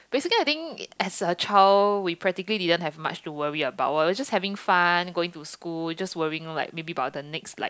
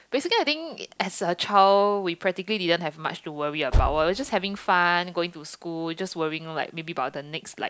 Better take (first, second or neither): first